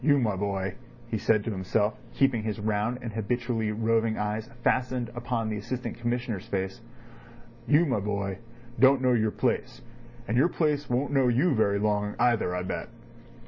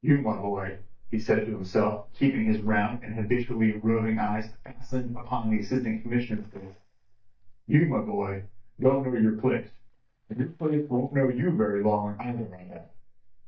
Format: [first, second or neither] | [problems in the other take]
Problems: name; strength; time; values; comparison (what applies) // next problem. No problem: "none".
first | noise reduction (neural mask model DeepFilterNet 3)